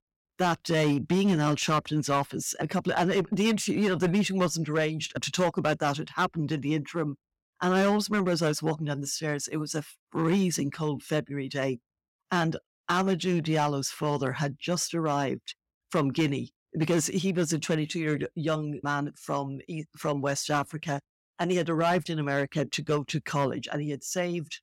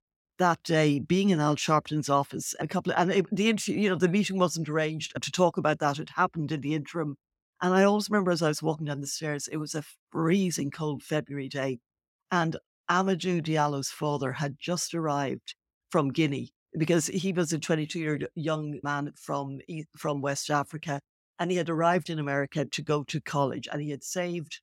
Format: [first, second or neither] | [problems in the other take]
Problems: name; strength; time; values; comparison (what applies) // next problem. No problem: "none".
second | distortion; slight; 5% of the sound clipped